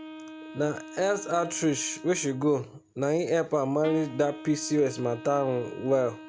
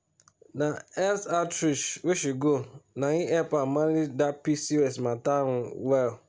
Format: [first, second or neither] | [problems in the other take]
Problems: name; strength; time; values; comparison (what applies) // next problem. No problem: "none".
second | background sound (Wind instrument, woodwind instrument); 16 dB below the speech